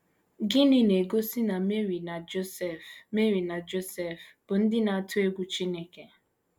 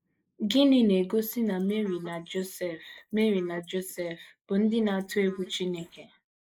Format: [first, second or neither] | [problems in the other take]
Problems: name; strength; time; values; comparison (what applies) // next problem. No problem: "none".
first | noise reduction (neural mask model Resemble Enhance denoiser)